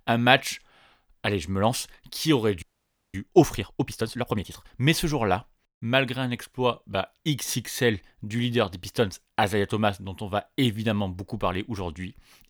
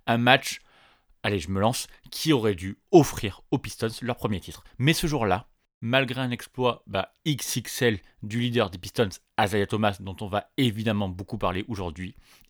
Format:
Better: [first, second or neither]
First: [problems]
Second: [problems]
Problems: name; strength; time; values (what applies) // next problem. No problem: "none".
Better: second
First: audio freezing; at 2.5 s for 0.5 s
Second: none